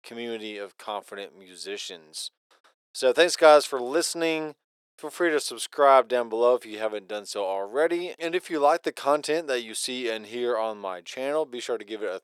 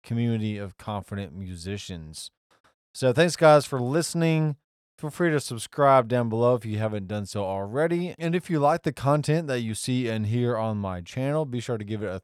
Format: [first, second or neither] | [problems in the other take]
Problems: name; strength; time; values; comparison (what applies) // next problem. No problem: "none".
second | thin; very; fading below 350 Hz